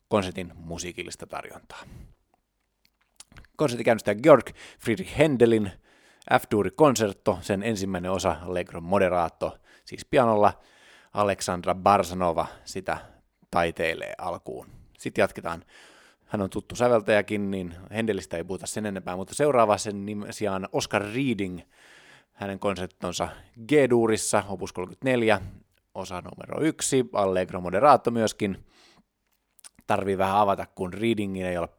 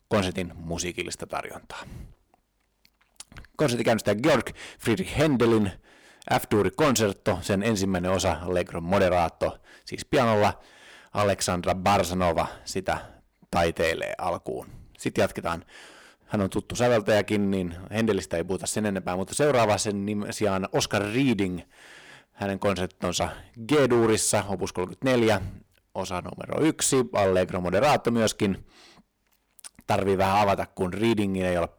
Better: first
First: none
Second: distortion; heavy; 8% of the sound clipped

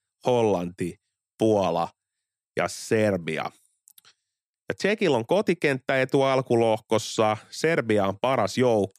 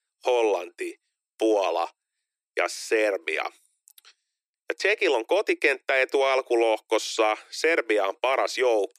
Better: first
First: none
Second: thin; very; fading below 350 Hz

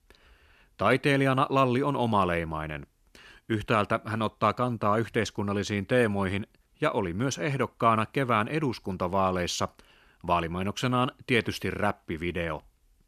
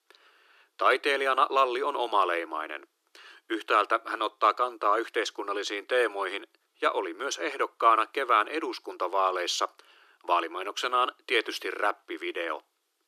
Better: first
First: none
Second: thin; very; fading below 300 Hz

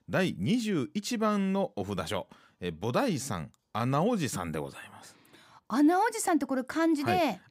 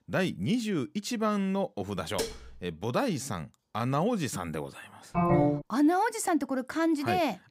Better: first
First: none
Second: clattering dishes; noticeable; at 2 s; peak 6 dB below the speech // phone ringing; loud; at 5 s; peak 5 dB above the speech

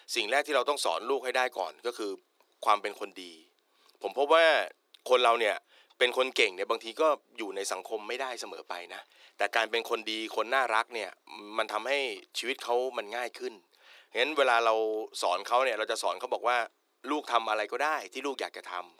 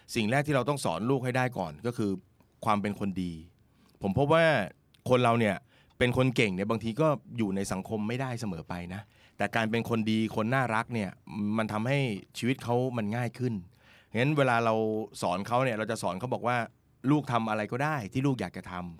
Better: second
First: thin; very; fading below 350 Hz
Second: none

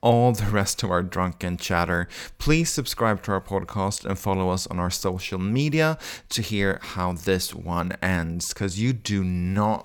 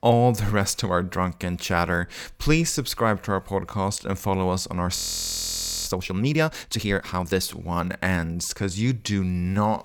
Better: first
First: none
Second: audio freezing; at 5 s for 1 s

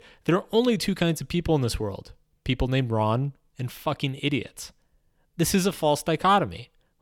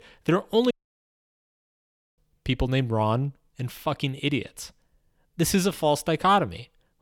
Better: first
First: none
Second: audio cutting out; at 0.5 s for 1.5 s

